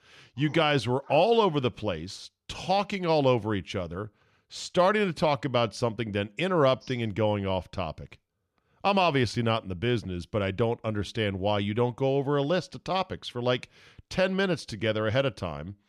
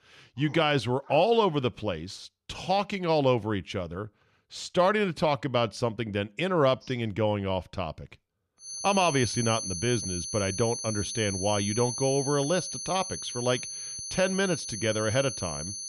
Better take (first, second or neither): first